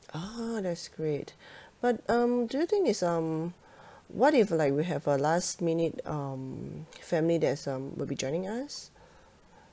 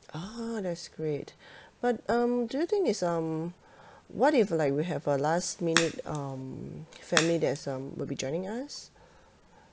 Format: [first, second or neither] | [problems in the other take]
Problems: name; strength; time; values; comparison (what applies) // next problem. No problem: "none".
first | background sound (Crack); 3 dB below the speech